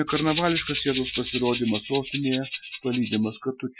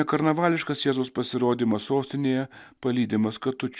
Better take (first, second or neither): second